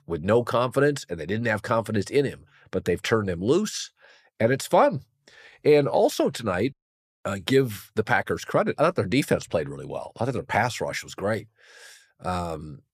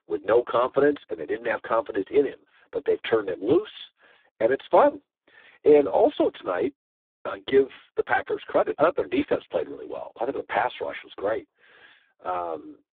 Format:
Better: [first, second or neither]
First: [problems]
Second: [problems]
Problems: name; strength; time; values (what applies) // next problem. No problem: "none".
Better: first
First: none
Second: phone-call audio; poor line